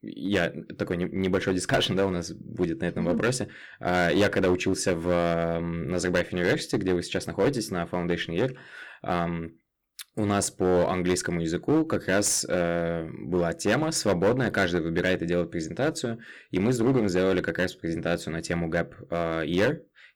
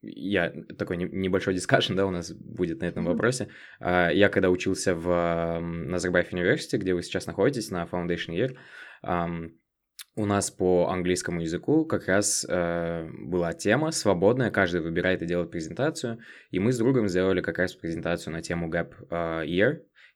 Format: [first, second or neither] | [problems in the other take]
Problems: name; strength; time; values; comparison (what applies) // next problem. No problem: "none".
second | distortion; slight; 6% of the sound clipped